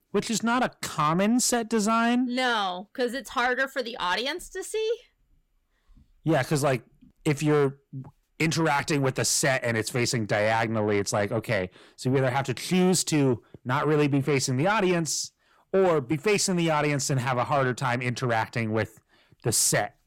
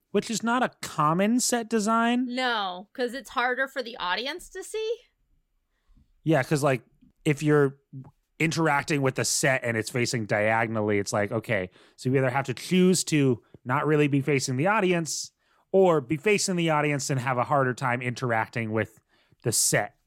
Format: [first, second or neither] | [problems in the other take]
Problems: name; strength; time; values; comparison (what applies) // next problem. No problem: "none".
second | distortion; slight; 10 dB below the speech